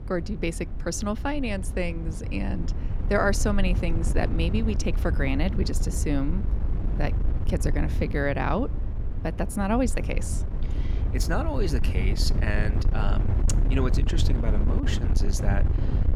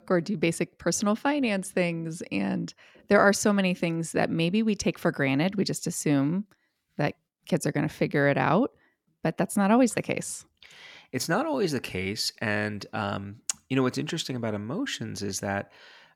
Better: second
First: wind noise on the microphone; occasional gusts; 10 dB below the speech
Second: none

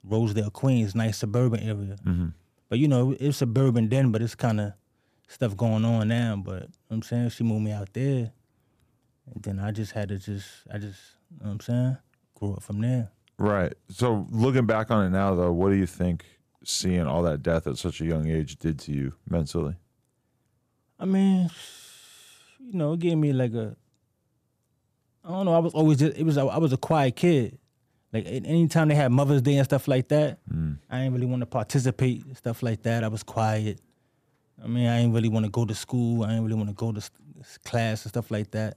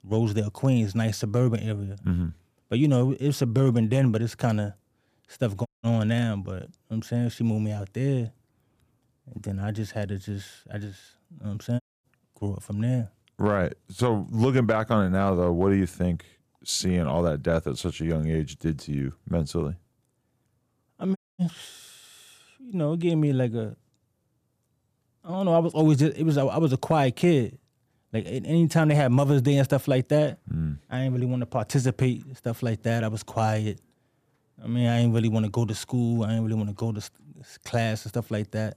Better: first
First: none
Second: audio cutting out; at 5.5 s, at 12 s and at 21 s

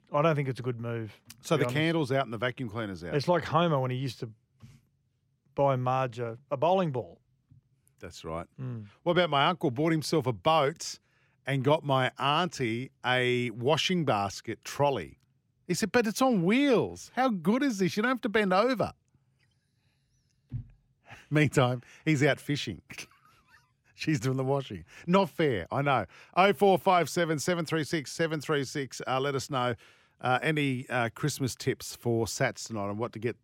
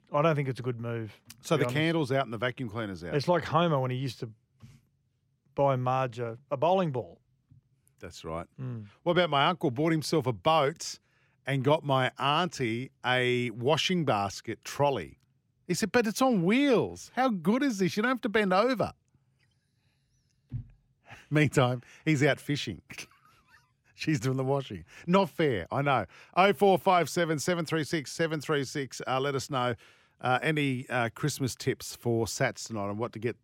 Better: neither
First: none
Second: none

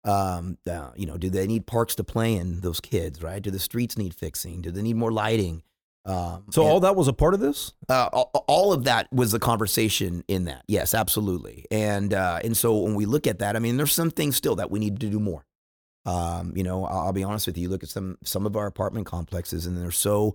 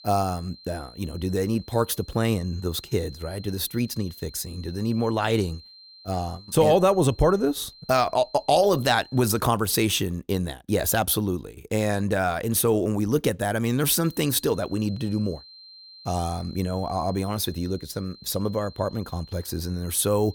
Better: first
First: none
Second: high-pitched whine; faint; until 9.5 s and from 14 s on; 4 kHz, 20 dB below the speech

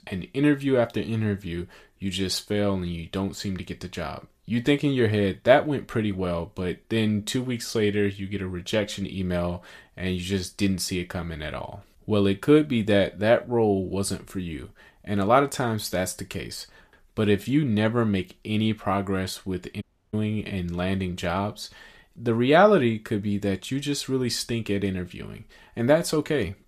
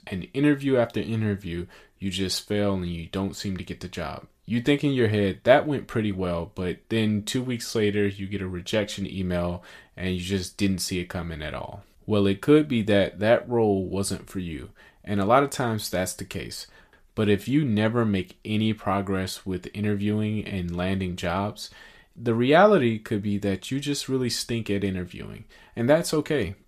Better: second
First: audio cutting out; at 20 s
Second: none

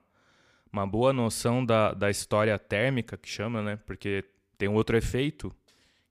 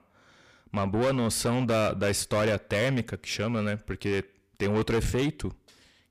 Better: first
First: none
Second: distortion; heavy; 8 dB below the speech

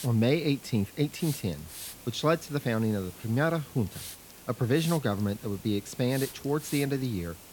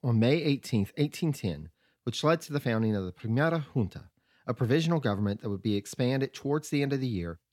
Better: second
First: hiss; noticeable; throughout; 15 dB below the speech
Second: none

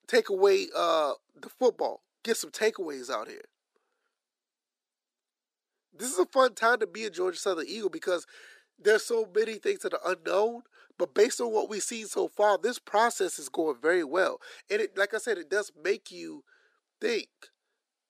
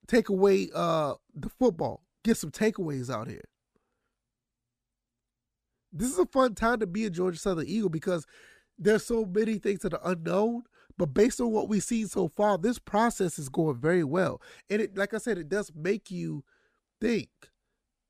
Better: second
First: thin; very; fading below 350 Hz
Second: none

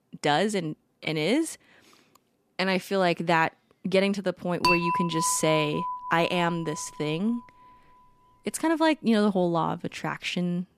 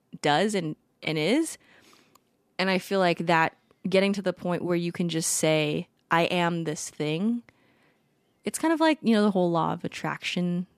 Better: second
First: clattering dishes; loud; from 4.5 to 6.5 s; peak 3 dB above the speech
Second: none

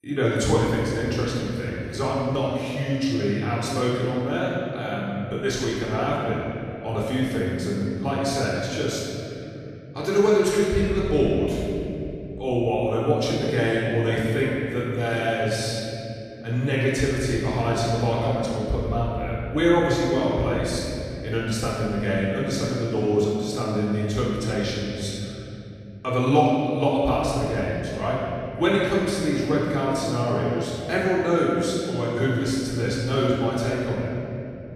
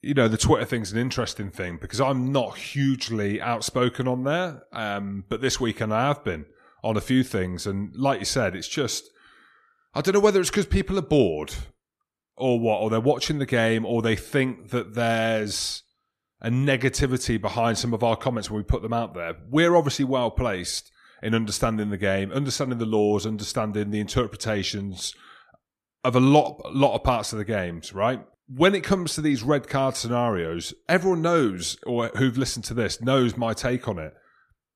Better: second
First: off-mic speech; far // room echo; strong; dies away in 3 s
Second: none

